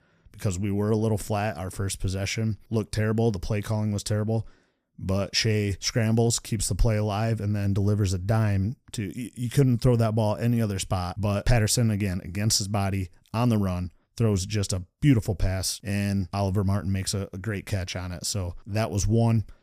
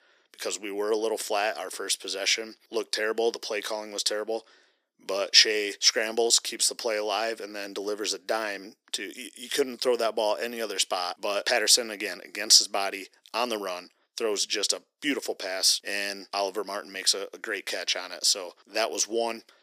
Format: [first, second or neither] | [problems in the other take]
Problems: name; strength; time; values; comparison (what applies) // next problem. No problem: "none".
first | thin; very; fading below 350 Hz